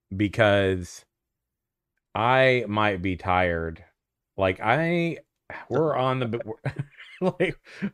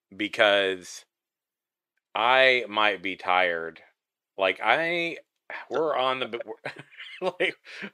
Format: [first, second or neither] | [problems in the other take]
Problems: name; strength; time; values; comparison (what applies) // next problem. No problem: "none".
first | thin; somewhat; fading below 400 Hz